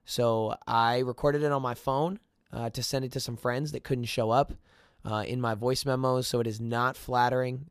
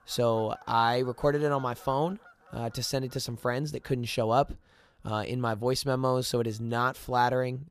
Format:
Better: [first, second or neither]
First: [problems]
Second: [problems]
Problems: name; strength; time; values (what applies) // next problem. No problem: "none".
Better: first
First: none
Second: animal sounds; faint; throughout; 25 dB below the speech